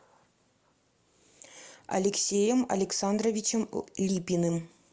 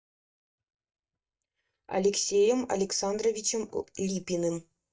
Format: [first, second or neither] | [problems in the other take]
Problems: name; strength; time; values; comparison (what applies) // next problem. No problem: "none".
first | noise reduction (neural mask model DeepFilterNet 3)